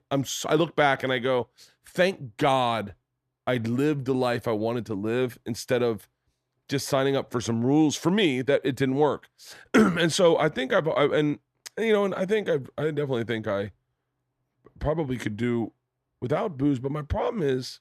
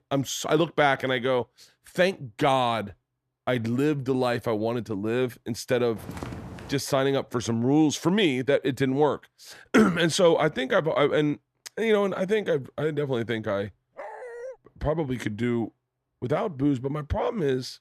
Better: first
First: none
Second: footsteps; faint; at 6 s; peak 10 dB below the speech // dog barking; faint; at 14 s; peak 15 dB below the speech

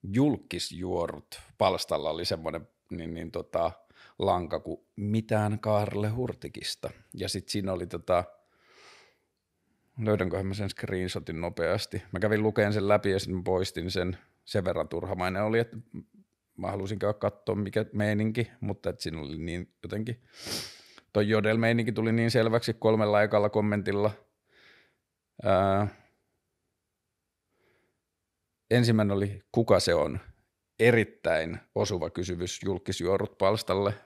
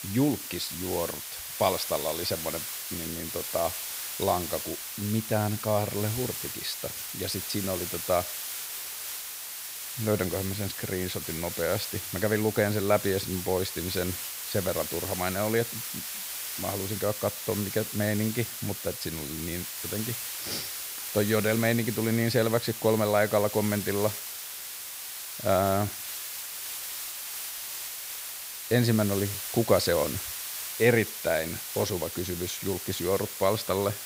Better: first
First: none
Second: hiss; loud; throughout; 5 dB below the speech

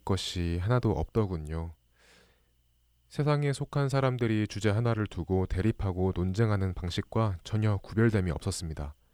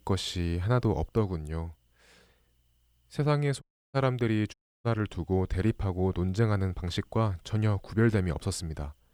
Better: first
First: none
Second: audio cutting out; at 3.5 s and at 4.5 s

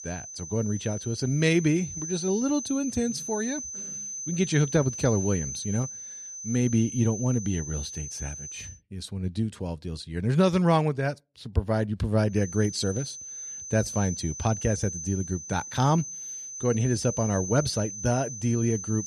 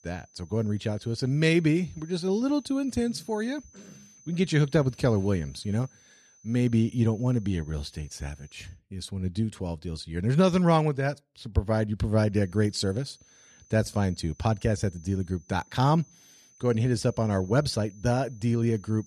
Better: second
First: high-pitched whine; loud; until 8.5 s and from 12 s on; 6 kHz, 8 dB below the speech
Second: high-pitched whine; faint; until 8.5 s and from 12 s on; 6 kHz, 30 dB below the speech

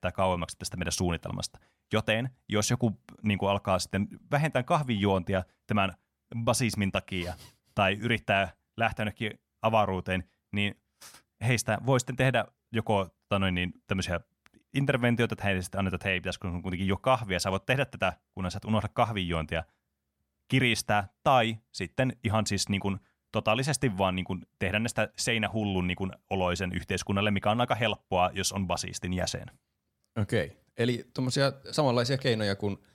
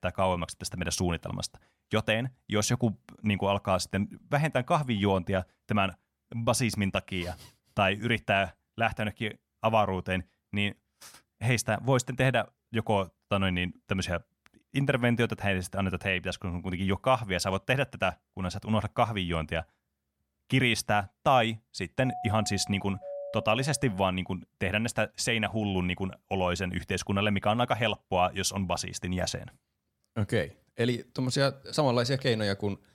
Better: first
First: none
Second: doorbell; noticeable; from 22 to 24 s; peak 10 dB below the speech

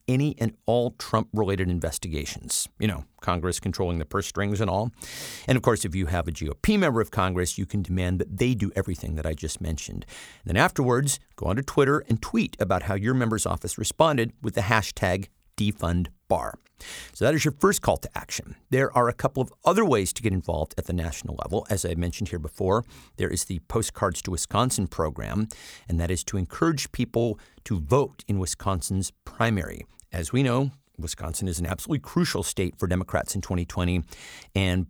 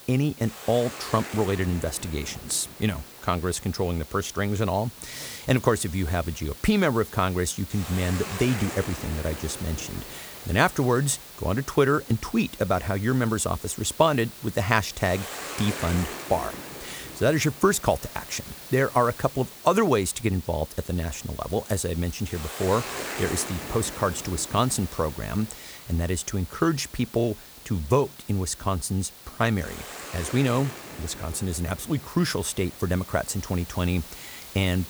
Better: first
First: none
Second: hiss; noticeable; throughout; 10 dB below the speech

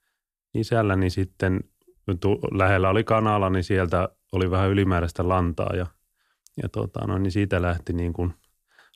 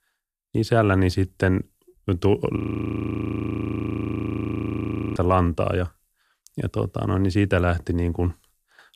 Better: first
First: none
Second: audio freezing; at 2.5 s for 2.5 s

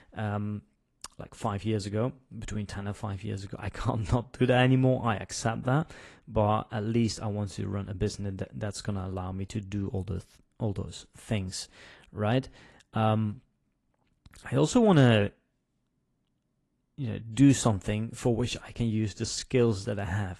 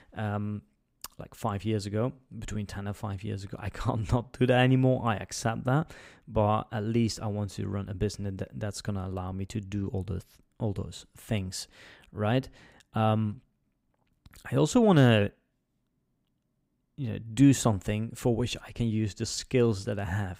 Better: second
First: garbled, watery; slightly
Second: none

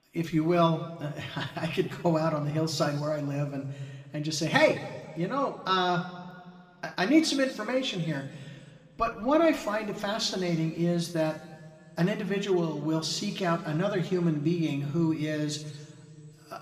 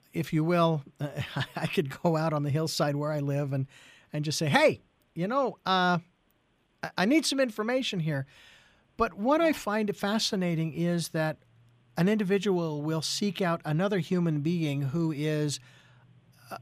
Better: second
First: room echo; slight; dies away in 2.3 s // off-mic speech; somewhat distant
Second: none

